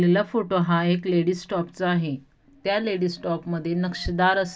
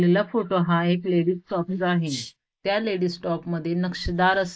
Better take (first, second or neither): first